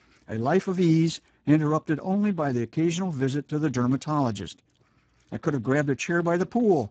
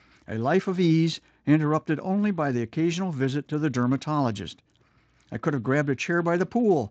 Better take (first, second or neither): second